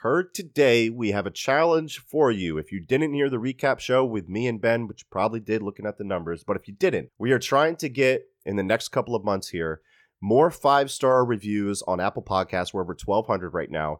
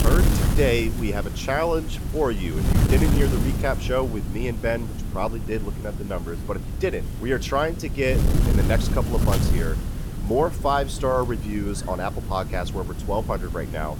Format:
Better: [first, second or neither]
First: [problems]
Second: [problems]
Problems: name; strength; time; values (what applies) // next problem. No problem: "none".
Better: first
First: none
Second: wind noise on the microphone; heavy; 8 dB below the speech